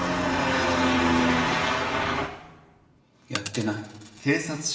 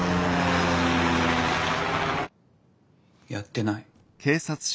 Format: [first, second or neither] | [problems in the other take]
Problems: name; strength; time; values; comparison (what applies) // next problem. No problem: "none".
second | background sound (Coin (dropping)); 19 dB below the speech // room echo; dies away in 1.2 s